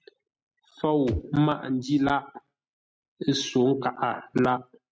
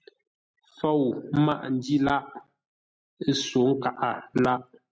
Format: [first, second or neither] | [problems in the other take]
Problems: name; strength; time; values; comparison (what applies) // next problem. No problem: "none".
second | noise reduction (neural mask model RNNoise)